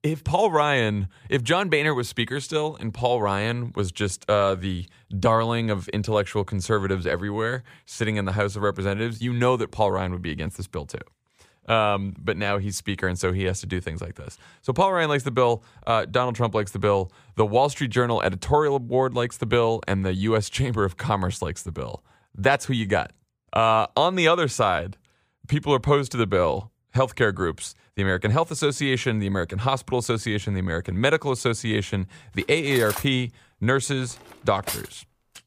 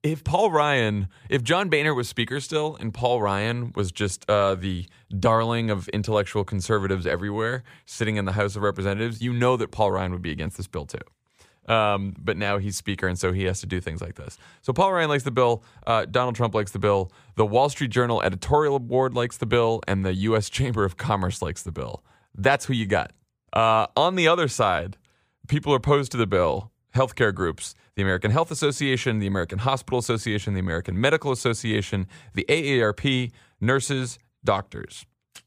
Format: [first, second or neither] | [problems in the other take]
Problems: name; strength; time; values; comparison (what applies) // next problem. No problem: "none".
second | clattering dishes; noticeable; from 32 to 35 s; peak 7 dB below the speech